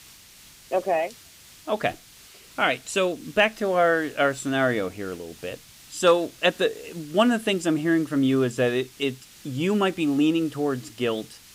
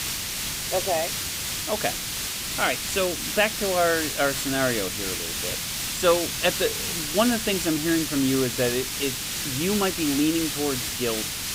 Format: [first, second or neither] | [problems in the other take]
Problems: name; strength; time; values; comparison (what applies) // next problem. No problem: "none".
first | hiss; loud; throughout; 1 dB below the speech; faint in the first